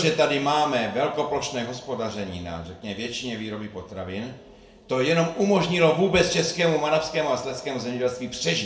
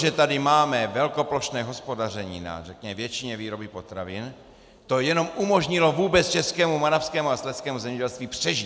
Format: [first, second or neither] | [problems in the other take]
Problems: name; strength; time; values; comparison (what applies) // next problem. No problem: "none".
second | room echo; dies away in 0.4 s